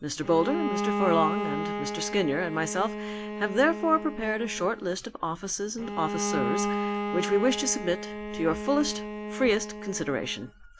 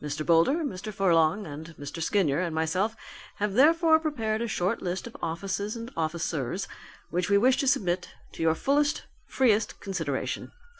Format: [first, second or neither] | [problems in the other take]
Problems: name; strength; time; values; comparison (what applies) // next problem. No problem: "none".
second | background sound (Bowed string instrument); 5 dB below the speech